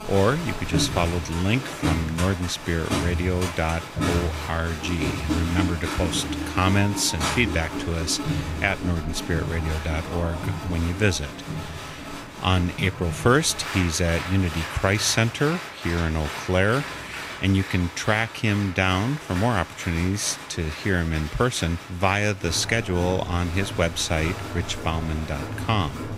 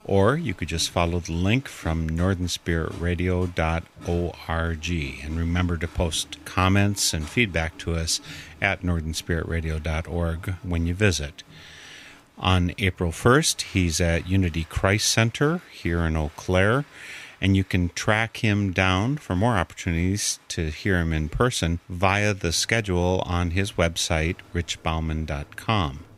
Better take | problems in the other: second | crowd noise; loud; throughout; 7 dB below the speech; faint in the second

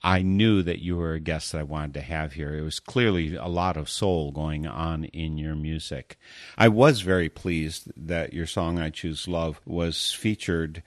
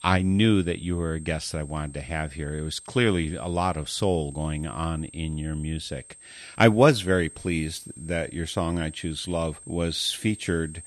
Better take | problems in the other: first | high-pitched whine; noticeable; throughout; 8.5 kHz, 20 dB below the speech

